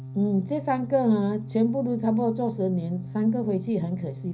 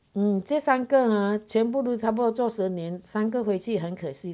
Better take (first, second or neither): second